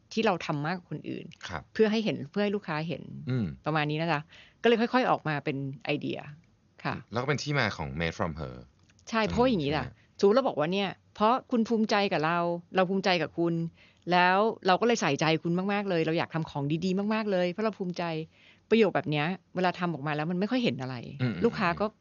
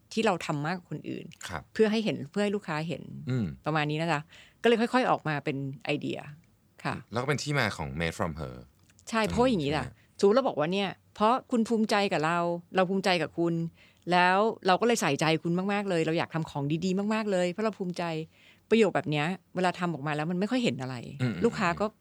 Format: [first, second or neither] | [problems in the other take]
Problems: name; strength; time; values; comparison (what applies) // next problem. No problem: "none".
second | garbled, watery; slightly; nothing above 6.5 kHz